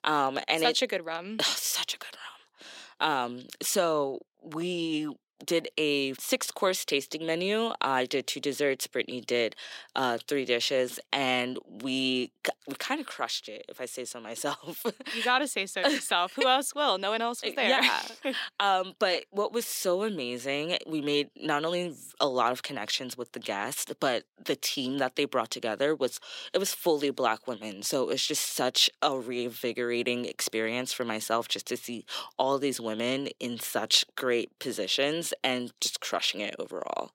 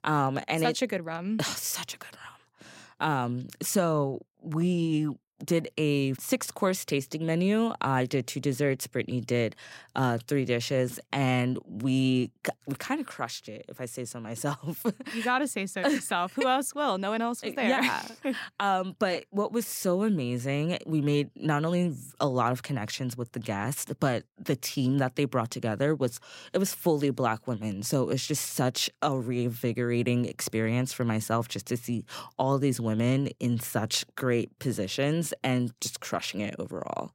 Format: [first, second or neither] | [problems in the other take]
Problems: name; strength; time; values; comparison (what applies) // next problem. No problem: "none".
second | thin; somewhat; fading below 400 Hz